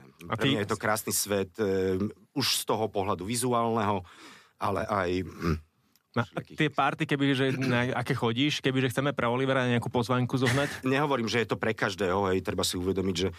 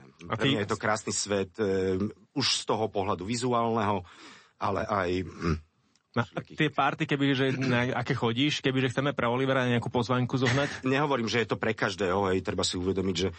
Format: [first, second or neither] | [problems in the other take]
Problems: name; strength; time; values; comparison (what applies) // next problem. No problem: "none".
first | garbled, watery; slightly; nothing above 8 kHz